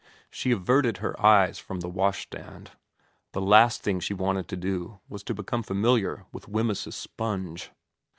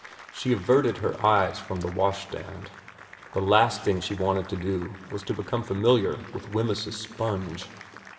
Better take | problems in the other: first | background sound (Applause); 19 dB below the speech // room echo; dies away in 1.5 s

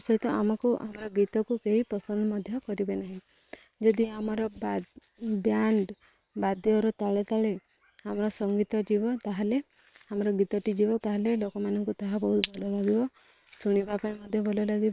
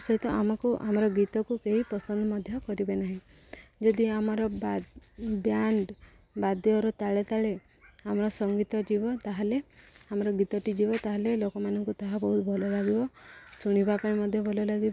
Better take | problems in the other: second | noise reduction (neural separator model SepFormer WHAM!)

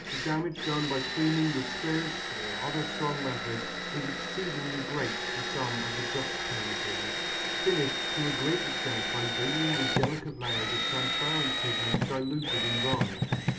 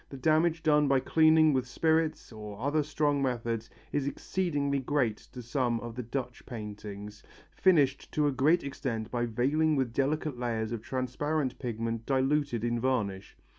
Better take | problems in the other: second | background sound (Drill); 2 dB above the speech // room echo; dies away in 0.4 s

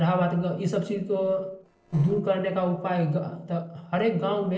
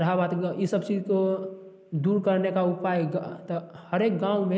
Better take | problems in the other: second | noise reduction (neural separator model SepFormer DNS4)

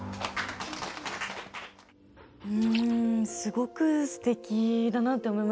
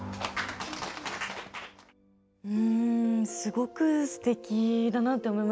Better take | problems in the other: second | background sound (Liquid); 18 dB below the speech

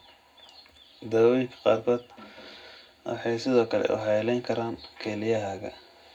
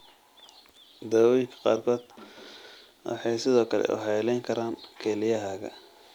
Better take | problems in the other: second | room echo; dies away in 0.3 s

